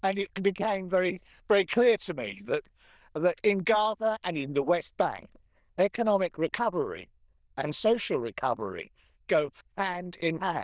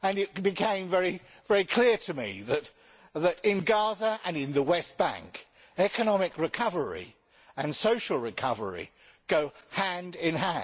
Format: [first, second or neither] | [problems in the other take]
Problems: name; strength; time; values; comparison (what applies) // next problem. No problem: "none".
second | noise reduction (neural diffusion model UNIVERSE++)